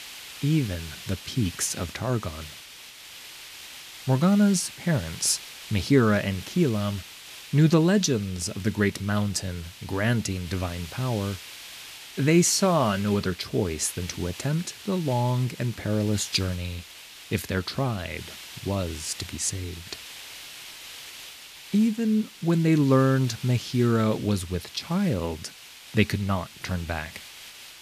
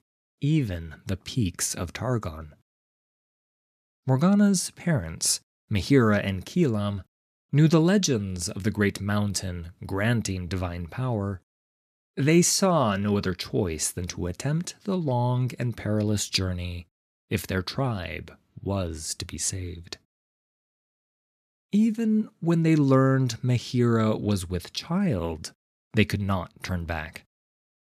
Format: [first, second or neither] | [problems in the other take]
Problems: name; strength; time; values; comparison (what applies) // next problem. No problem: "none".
second | hiss; noticeable; throughout; 15 dB below the speech